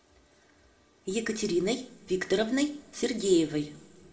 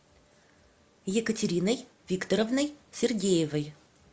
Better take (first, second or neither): second